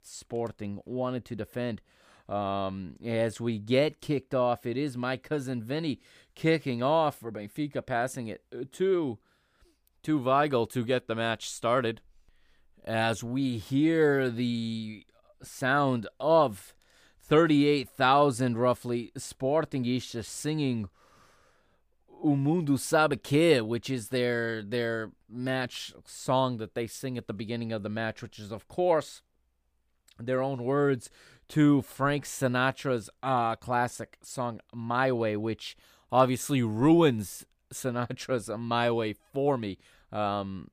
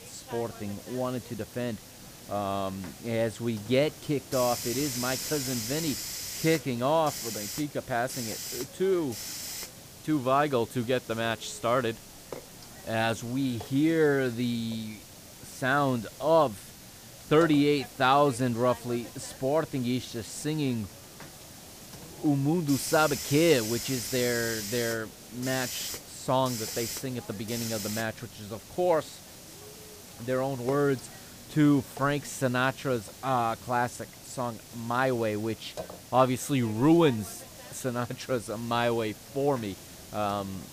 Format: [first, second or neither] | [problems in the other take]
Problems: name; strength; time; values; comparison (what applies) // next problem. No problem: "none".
first | hiss; noticeable; throughout; 10 dB below the speech